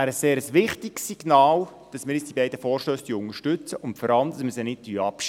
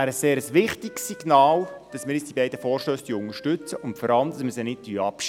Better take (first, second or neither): first